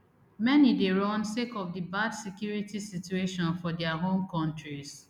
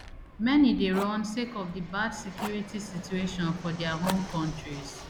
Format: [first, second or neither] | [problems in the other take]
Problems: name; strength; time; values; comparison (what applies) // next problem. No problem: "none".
first | background sound (Fixed-wing aircraft, airplane + Fire); 12 dB below the speech